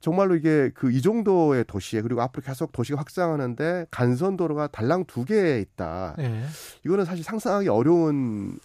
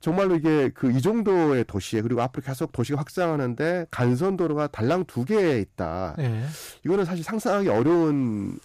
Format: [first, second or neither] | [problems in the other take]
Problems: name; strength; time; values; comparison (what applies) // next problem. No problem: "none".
first | distortion; slight; 9% of the sound clipped